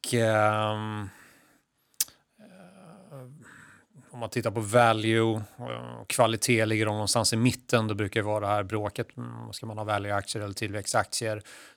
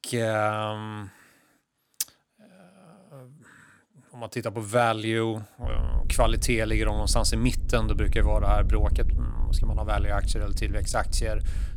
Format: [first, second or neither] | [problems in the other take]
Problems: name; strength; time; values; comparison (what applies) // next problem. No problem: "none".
first | wind noise on the microphone; occasional gusts; from 5.5 s on; 20 dB below the speech